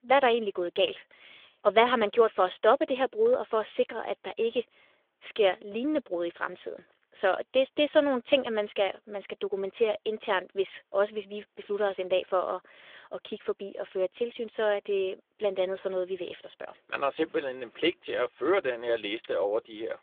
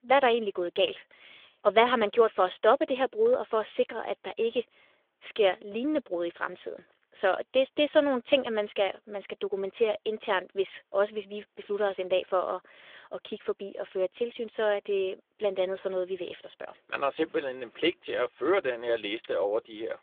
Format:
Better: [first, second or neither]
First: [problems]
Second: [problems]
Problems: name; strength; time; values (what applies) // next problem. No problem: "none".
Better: neither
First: phone-call audio; nothing above 3.5 kHz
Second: phone-call audio; nothing above 3.5 kHz